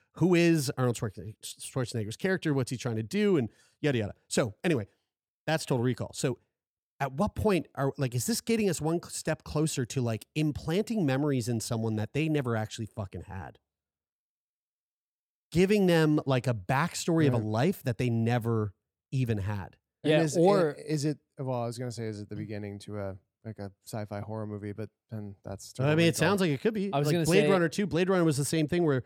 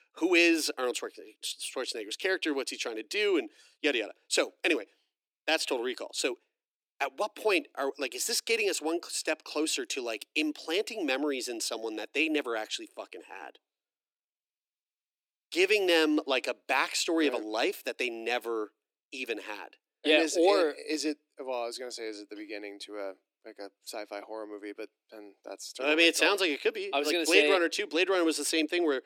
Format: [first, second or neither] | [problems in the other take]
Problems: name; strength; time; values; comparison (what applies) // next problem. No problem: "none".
first | thin; somewhat; fading below 300 Hz